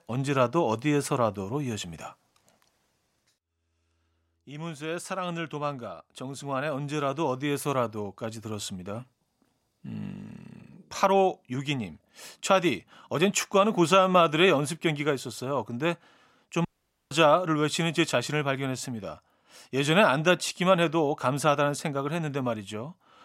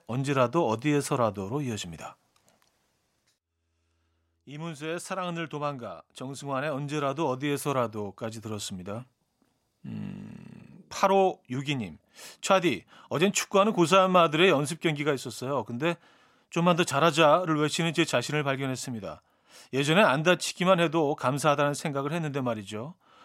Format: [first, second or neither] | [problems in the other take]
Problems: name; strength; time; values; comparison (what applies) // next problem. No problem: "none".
second | audio cutting out; at 17 s